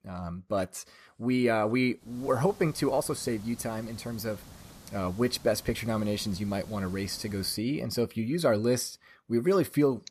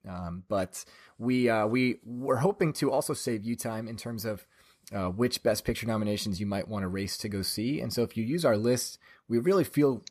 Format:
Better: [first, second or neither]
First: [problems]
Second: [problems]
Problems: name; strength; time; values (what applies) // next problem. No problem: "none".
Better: second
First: hiss; faint; from 2 to 7.5 s; 20 dB below the speech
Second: none